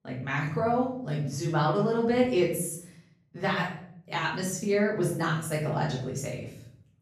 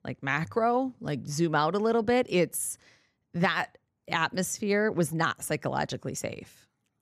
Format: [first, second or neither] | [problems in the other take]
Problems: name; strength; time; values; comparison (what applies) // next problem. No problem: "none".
second | off-mic speech; far // room echo; noticeable; dies away in 0.7 s